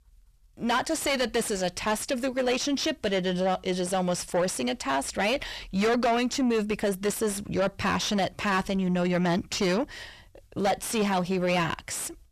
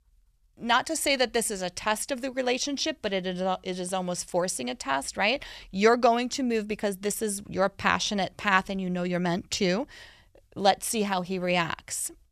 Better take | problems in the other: second | distortion; heavy; 5 dB below the speech

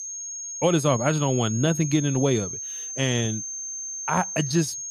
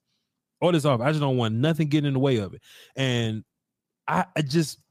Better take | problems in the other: second | high-pitched whine; loud; throughout; 6.5 kHz, 6 dB below the speech

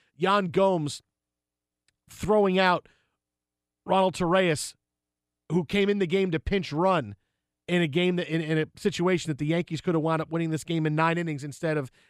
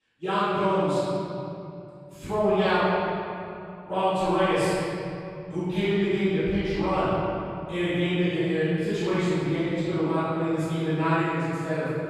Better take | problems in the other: first | room echo; strong; dies away in 2.7 s // off-mic speech; far

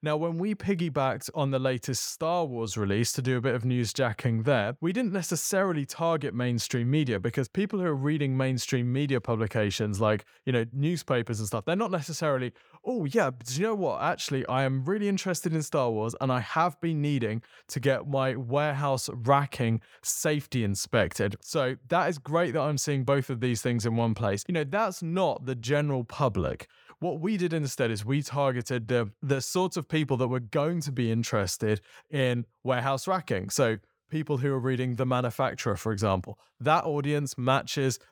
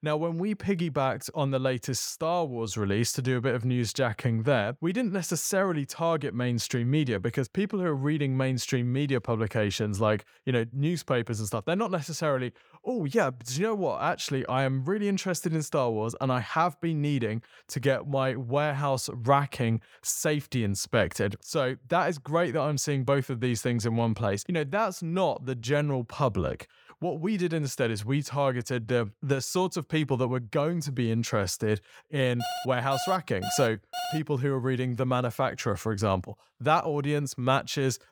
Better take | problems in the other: first | alarm; noticeable; from 32 to 34 s; peak 6 dB below the speech

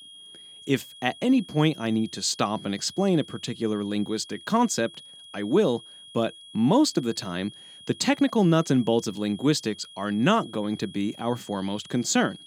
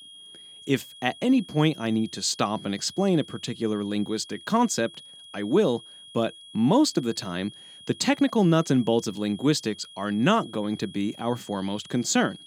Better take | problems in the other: neither | high-pitched whine; noticeable; throughout; 3.5 kHz, 20 dB below the speech; the same in both

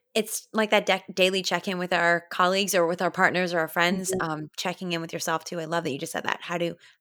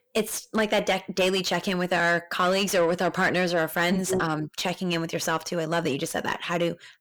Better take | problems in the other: first | distortion; heavy; 8 dB below the speech

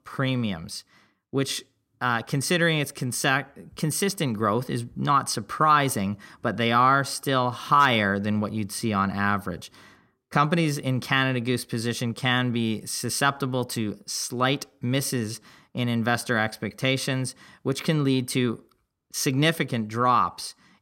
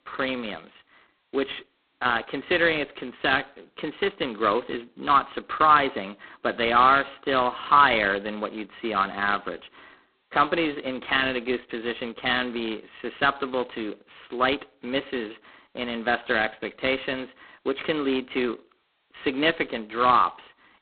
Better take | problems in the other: first | phone-call audio; poor line; nothing above 4 kHz

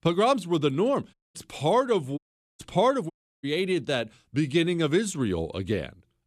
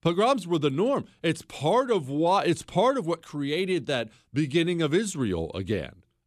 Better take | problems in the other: second | audio cutting out; at 1 s, at 2 s and at 3 s

